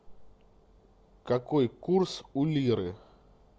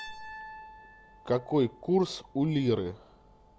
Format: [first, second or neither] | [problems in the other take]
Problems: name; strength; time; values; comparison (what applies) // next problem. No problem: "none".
first | background sound (Piano); 19 dB below the speech